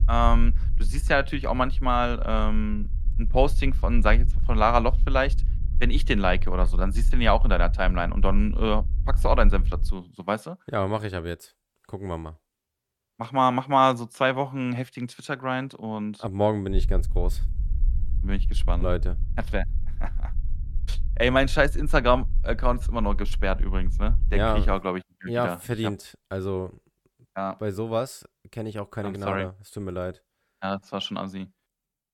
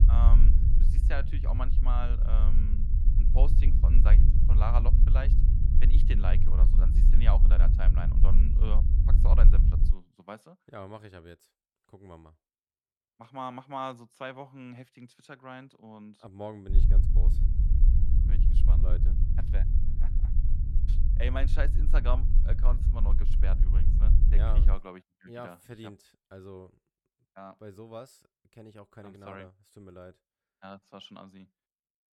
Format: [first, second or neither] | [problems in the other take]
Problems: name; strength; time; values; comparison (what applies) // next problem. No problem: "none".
first | low rumble; loud; until 10 s and from 17 to 25 s; 5 dB below the speech; faint in the first